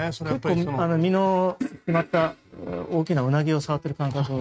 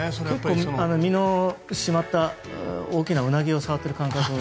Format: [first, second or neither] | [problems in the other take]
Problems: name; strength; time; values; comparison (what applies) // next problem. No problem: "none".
second | noise reduction (neural mask model RNNoise)